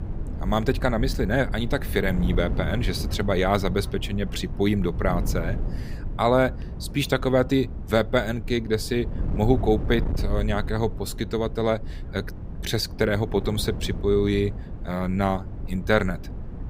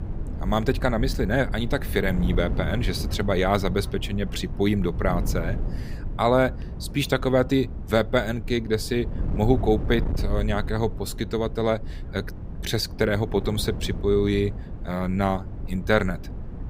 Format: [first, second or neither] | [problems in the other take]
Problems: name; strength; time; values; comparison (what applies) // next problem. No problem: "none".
neither | wind noise on the microphone; occasional gusts; 15 dB below the speech; the same in both